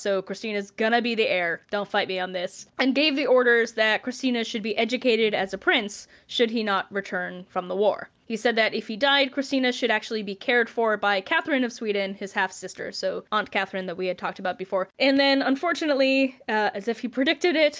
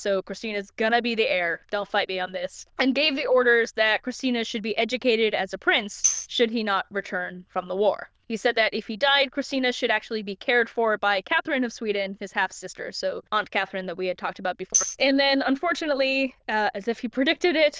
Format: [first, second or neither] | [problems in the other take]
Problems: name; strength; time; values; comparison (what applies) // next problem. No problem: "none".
first | noise reduction (neural diffusion model UNIVERSE++)